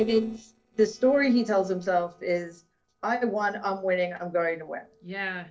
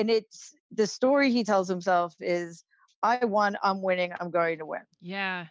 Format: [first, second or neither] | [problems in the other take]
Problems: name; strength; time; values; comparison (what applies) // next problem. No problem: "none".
second | noise reduction (neural separator model SepFormer DNS4)